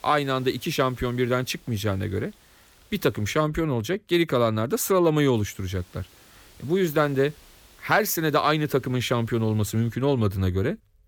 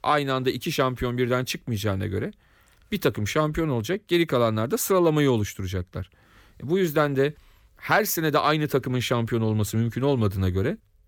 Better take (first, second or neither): second